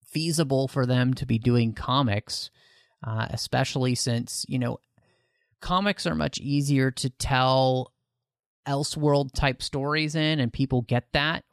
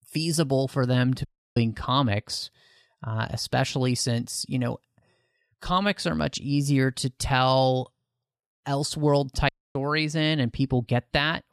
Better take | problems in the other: first | audio cutting out; at 1.5 s and at 9.5 s

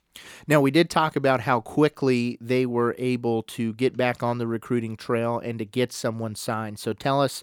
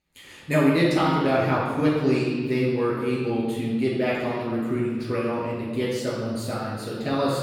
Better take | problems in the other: first | off-mic speech; far // room echo; strong; dies away in 1.7 s

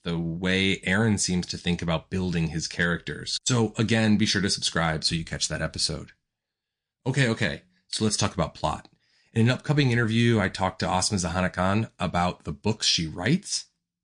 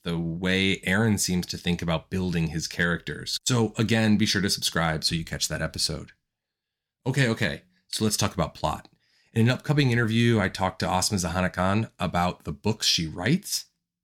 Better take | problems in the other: second | garbled, watery; slightly; nothing above 8.5 kHz

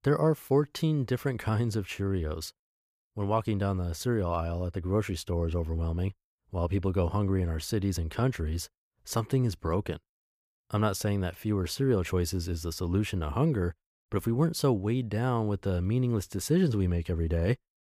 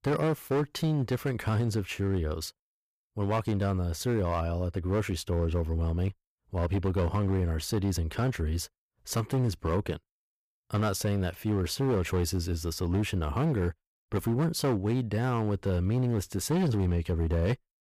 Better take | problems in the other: first | distortion; slight; 10% of the sound clipped

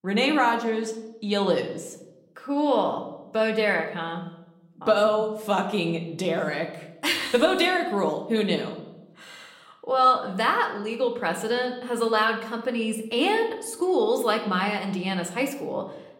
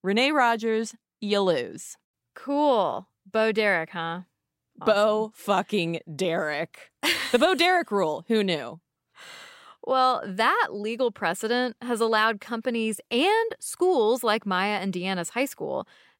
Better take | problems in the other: second | room echo; slight; dies away in 0.7 s

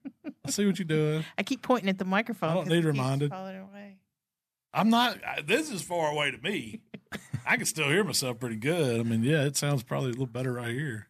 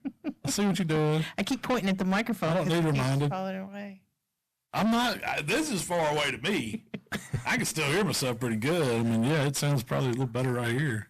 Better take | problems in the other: first | distortion; heavy; 6 dB below the speech

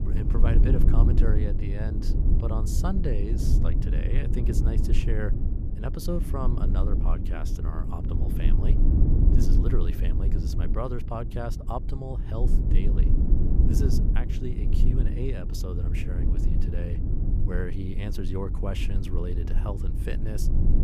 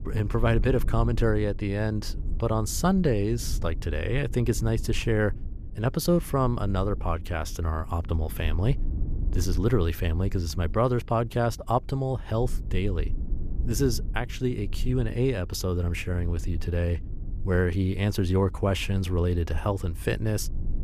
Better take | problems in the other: second | low rumble; loud; throughout; 2 dB below the speech; faint in the second

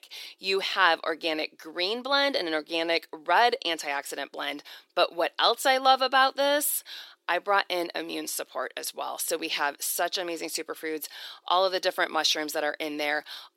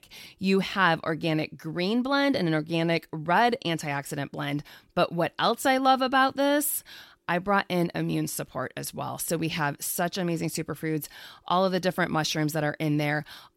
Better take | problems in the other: second | thin; very; fading below 400 Hz

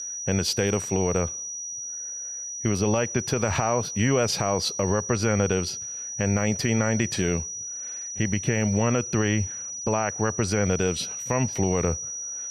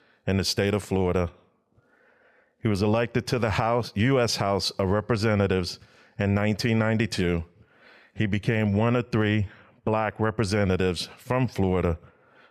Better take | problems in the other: second | high-pitched whine; loud; throughout; 6 kHz, 6 dB below the speech

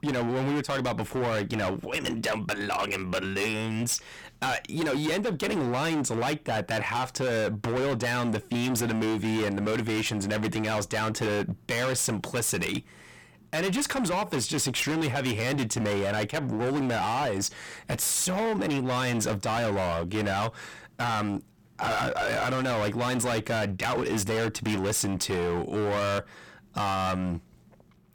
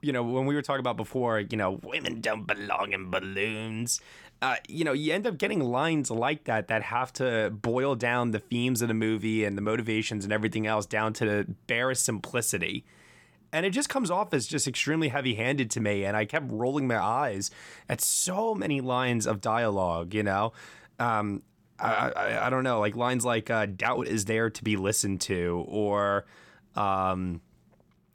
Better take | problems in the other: second | distortion; heavy; 30% of the sound clipped

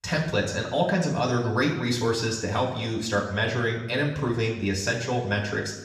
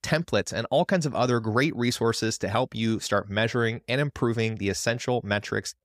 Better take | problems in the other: second | room echo; noticeable; dies away in 0.9 s // off-mic speech; far

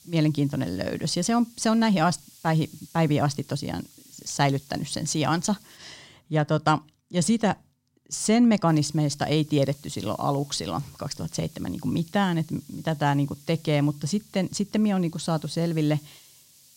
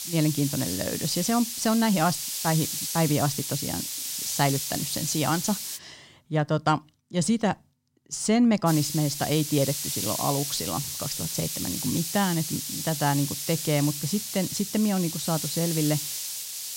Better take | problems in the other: first | hiss; loud; until 6 s and from 8.5 s on; 3 dB below the speech; faint in the first

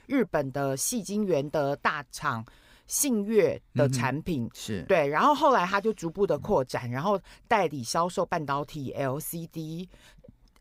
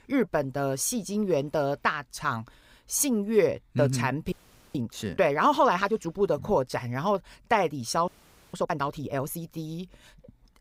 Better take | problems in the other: first | audio freezing; at 4.5 s and at 8 s

